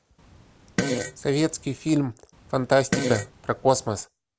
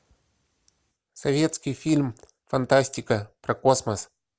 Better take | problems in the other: second | background sound (Fart); 6 dB below the speech

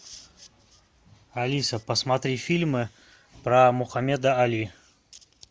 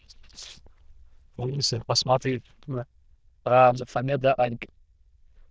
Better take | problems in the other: first | noise reduction (neural diffusion model UNIVERSE++)

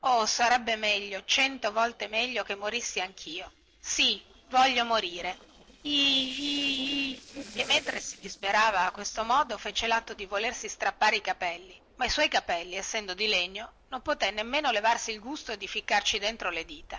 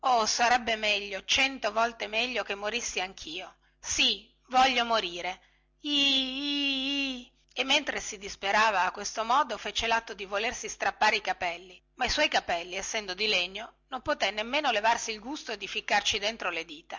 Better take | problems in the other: second | noise reduction (neural separator model SepFormer DNS4)

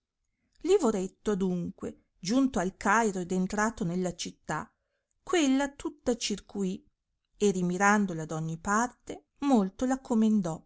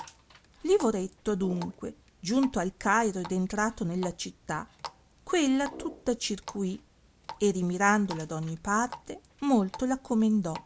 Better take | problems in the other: first | background sound (Water tap, faucet + Brass instrument); 18 dB below the speech

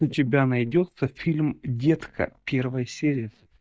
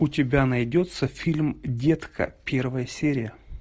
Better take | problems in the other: second | noise reduction (neural mask model DeepFilterNet 3)

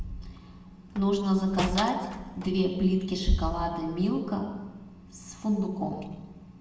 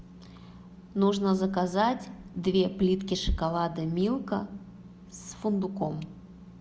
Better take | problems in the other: second | background sound (Slam); 11 dB below the speech // room echo; dies away in 1 s

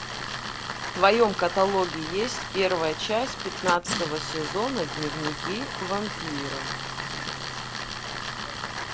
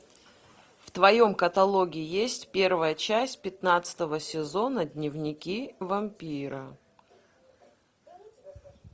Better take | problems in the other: second | background sound (Tools); 5 dB below the speech

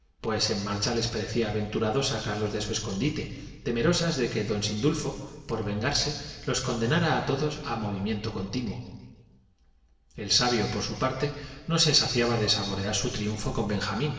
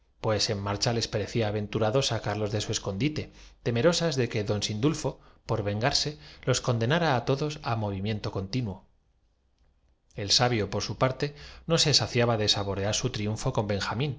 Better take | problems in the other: second | room echo; dies away in 1.4 s

